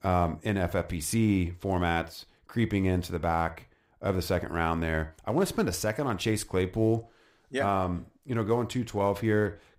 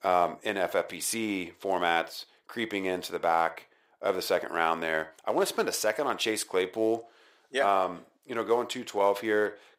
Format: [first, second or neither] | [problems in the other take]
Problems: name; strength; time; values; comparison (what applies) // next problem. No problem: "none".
first | thin; somewhat; fading below 500 Hz